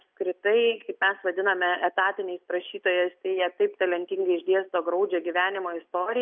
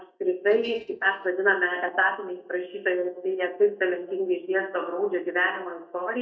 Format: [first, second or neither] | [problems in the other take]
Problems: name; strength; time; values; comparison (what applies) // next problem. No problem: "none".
first | noise reduction (neural mask model DeepFilterNet 3)